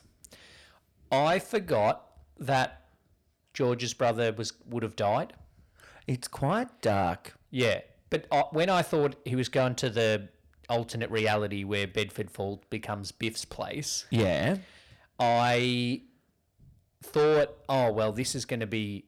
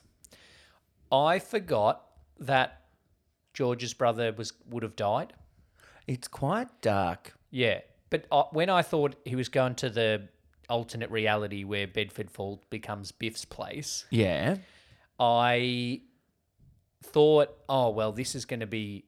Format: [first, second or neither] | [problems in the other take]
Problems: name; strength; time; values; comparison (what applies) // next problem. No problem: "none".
second | distortion; slight; 10 dB below the speech